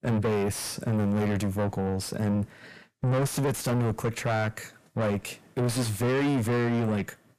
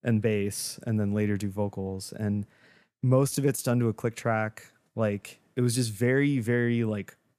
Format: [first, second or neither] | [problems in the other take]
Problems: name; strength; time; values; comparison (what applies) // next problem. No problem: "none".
second | distortion; heavy; 5 dB below the speech